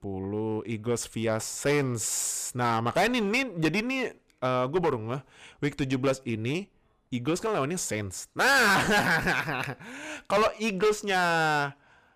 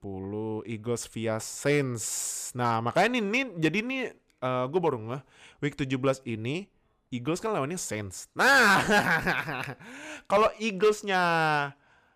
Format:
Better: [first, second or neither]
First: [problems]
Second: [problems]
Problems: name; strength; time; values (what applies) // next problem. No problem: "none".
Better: second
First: distortion; slight; 9% of the sound clipped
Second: none